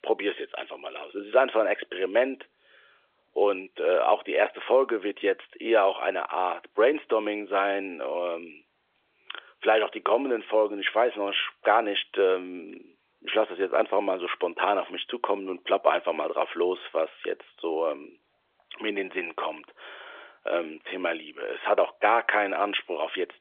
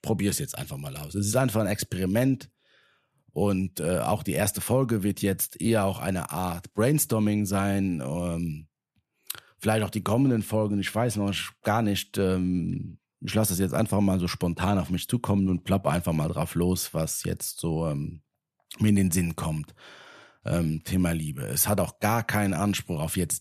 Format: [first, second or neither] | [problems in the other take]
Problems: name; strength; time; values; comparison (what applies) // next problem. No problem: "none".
second | phone-call audio; nothing above 3.5 kHz